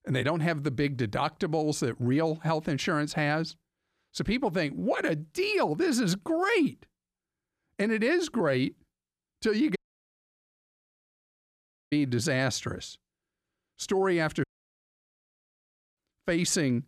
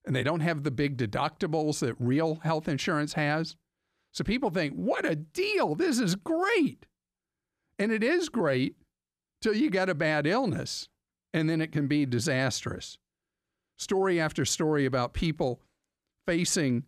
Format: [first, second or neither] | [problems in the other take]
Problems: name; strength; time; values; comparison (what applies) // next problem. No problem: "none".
second | audio cutting out; at 10 s for 2 s and at 14 s for 1.5 s